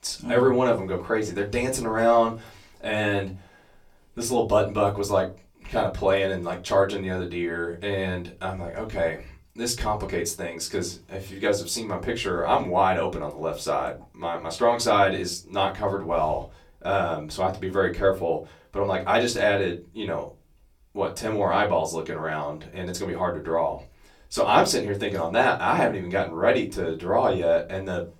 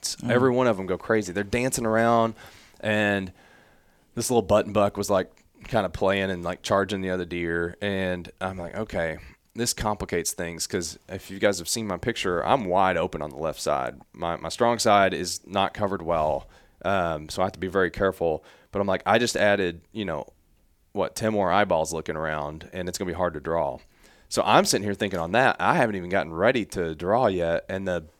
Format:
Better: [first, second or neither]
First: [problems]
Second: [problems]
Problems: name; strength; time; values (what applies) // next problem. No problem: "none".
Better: second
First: off-mic speech; far // room echo; very slight; dies away in 0.2 s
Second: none